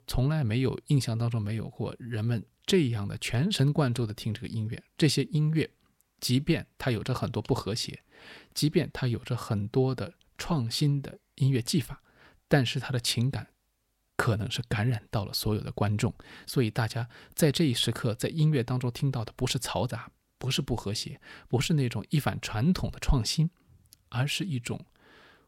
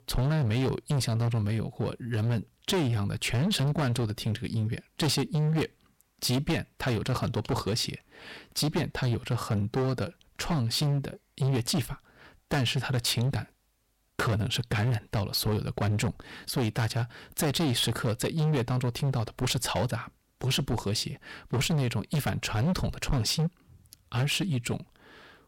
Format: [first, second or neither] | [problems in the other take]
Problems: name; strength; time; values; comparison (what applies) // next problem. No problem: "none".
first | distortion; heavy; 17% of the sound clipped